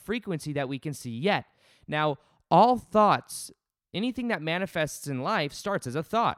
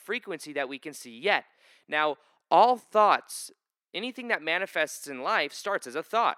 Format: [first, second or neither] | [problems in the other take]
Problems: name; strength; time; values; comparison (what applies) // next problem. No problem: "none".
first | thin; somewhat; fading below 350 Hz